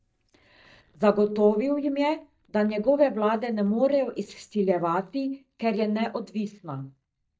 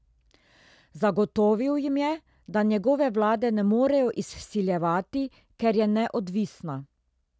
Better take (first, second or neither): second